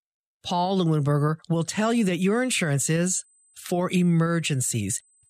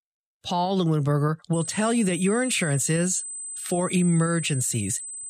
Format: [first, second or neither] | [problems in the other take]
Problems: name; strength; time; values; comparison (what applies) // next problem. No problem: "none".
first | high-pitched whine; loud; from 1.5 s on; 8 kHz, 8 dB below the speech; faint in the first